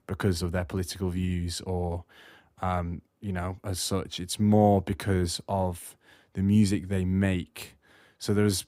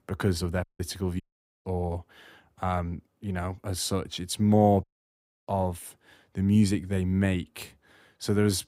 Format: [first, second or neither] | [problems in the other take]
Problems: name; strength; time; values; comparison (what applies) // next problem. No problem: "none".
first | audio cutting out; at 0.5 s, at 1 s and at 5 s for 0.5 s